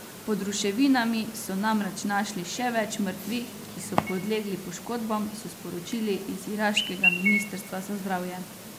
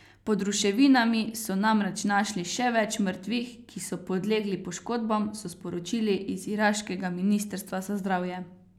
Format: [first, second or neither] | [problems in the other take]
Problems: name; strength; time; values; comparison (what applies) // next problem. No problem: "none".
second | background sound (Chirp, tweet); 5 dB below the speech